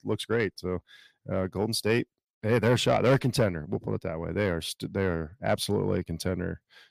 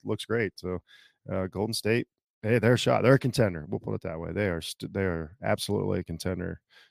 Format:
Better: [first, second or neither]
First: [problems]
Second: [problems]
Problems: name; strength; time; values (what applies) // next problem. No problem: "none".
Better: second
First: distortion; slight; 10 dB below the speech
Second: none